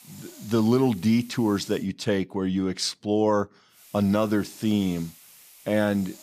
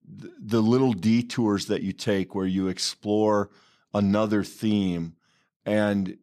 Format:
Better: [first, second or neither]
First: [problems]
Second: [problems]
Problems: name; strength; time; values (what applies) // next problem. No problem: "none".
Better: second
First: hiss; faint; until 2 s and from 4 s on; 20 dB below the speech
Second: none